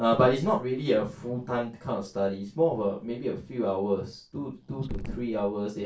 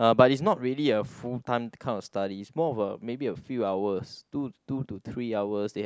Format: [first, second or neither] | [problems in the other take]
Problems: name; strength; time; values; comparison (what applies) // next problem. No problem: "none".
second | background sound (Growling); 18 dB below the speech // room echo; dies away in 0.2 s